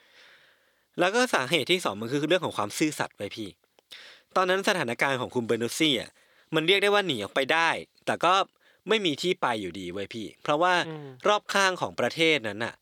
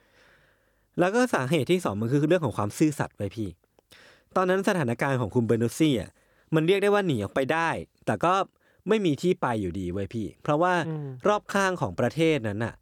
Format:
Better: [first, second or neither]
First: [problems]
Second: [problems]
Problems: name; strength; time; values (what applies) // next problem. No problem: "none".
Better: second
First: thin; very slightly; fading below 1 kHz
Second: none